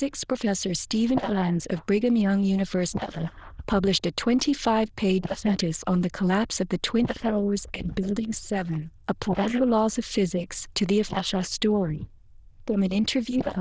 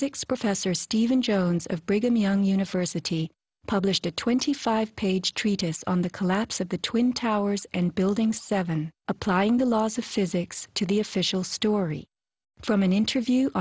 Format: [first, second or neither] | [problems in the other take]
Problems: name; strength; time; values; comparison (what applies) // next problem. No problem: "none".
second | noise reduction (neural diffusion model UNIVERSE++)